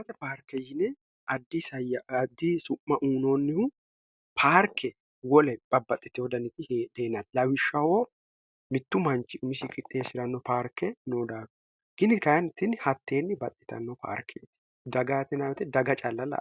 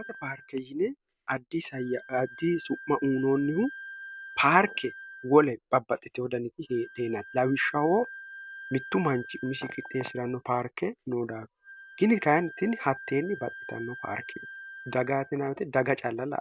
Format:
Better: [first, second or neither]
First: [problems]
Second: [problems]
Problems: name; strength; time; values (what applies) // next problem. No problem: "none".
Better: first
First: none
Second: background sound (Wind instrument, woodwind instrument); 16 dB below the speech